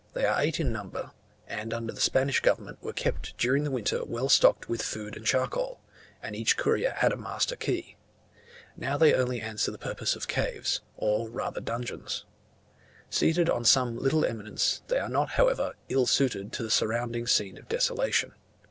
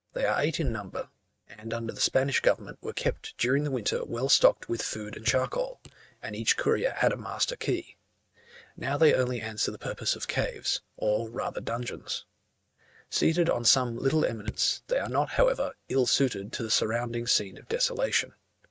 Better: first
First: none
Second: noise reduction (neural mask model RNNoise)

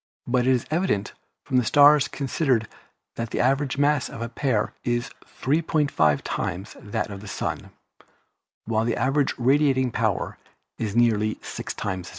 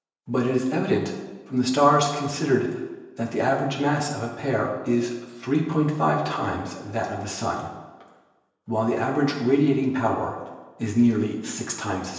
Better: first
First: none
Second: room echo; dies away in 1 s

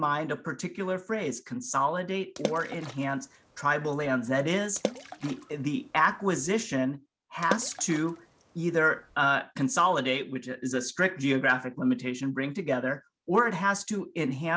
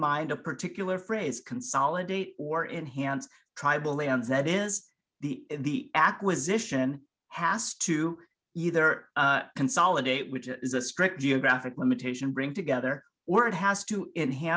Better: second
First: background sound (Water / Splash, splatter); 11 dB below the speech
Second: none

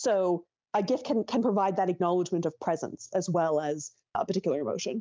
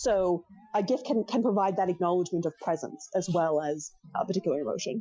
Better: first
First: none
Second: noise reduction (classical method Wiener filter)

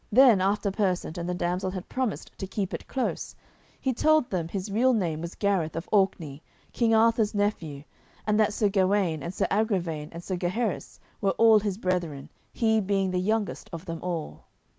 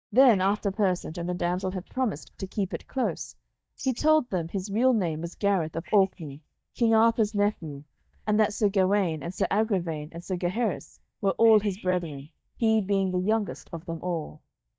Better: first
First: none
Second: noise reduction (neural mask model DeepFilterNet 3)

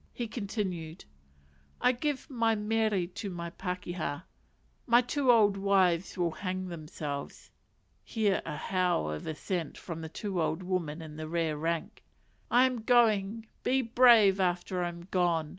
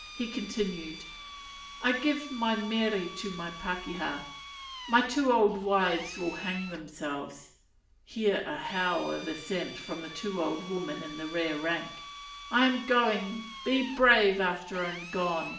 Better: first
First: none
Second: background sound (Drill); 14 dB below the speech // room echo; dies away in 0.5 s

